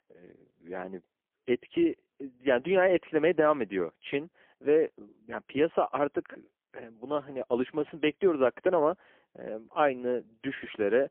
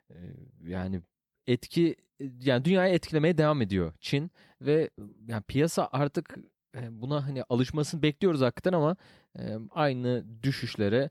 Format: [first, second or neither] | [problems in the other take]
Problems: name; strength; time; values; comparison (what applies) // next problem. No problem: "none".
second | phone-call audio; poor line; nothing above 3 kHz